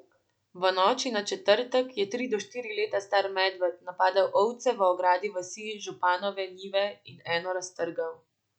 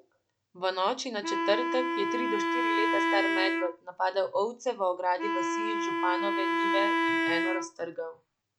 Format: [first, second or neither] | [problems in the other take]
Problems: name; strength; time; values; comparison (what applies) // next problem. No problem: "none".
first | background sound (Wind instrument, woodwind instrument); 2 dB above the speech